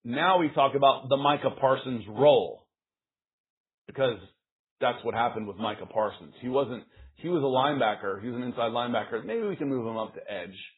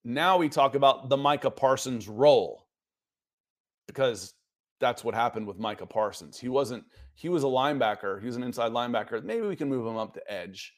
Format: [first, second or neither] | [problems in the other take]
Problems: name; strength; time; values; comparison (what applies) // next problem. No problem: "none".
second | garbled, watery; badly; nothing above 3.5 kHz